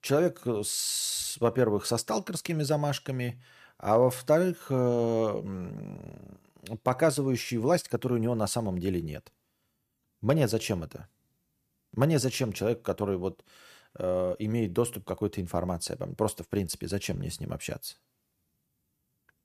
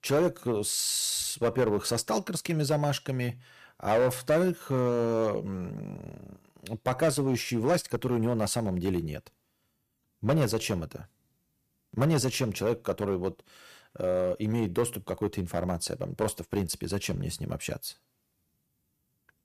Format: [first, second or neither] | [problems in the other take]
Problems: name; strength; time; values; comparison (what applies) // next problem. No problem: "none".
first | distortion; slight; 3% of the sound clipped